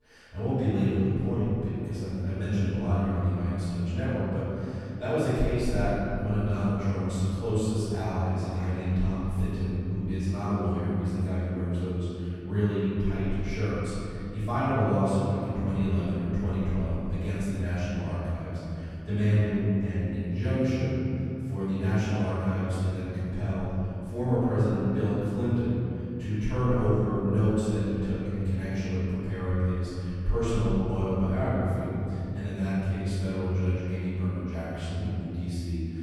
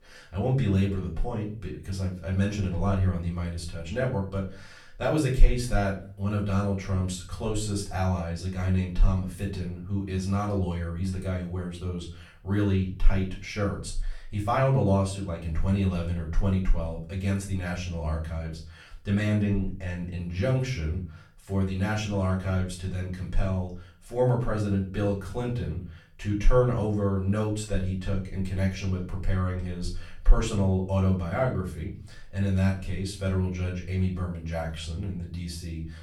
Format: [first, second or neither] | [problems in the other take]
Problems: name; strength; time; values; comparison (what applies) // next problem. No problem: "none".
second | room echo; strong; dies away in 3 s; slight in the second // off-mic speech; far; far in the second